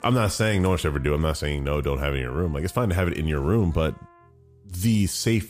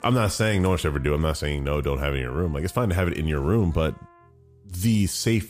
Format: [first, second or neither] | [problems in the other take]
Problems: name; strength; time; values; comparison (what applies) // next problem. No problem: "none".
neither | background music; faint; throughout; 30 dB below the speech; the same in both